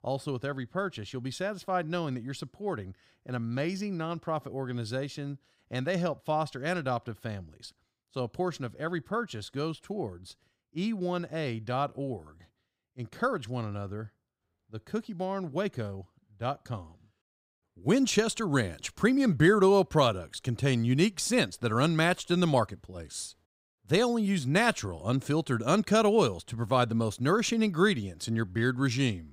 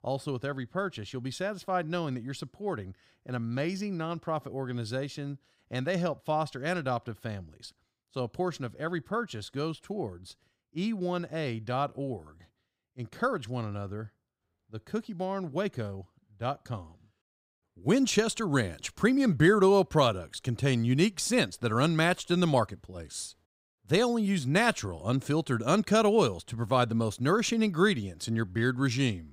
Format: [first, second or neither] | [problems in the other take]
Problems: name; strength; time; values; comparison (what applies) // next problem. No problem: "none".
neither | none